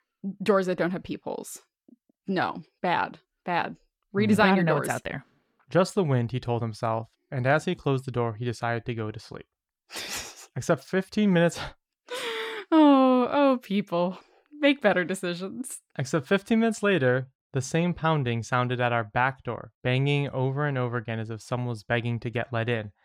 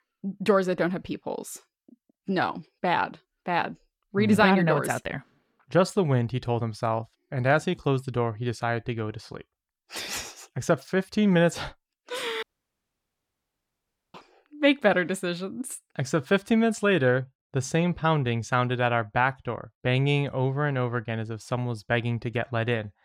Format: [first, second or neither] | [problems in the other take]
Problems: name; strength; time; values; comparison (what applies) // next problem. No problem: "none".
first | audio cutting out; at 12 s for 1.5 s